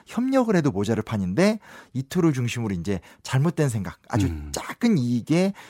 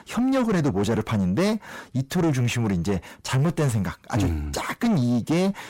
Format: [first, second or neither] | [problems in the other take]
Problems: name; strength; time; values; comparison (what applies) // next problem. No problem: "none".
first | distortion; heavy; 7 dB below the speech